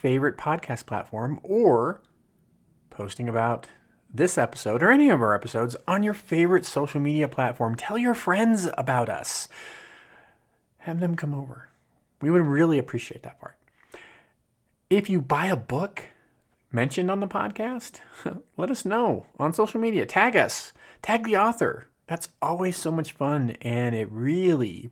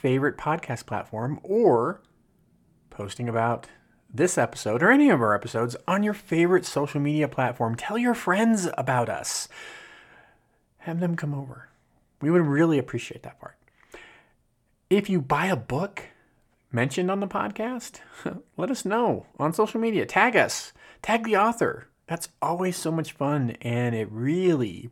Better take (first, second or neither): second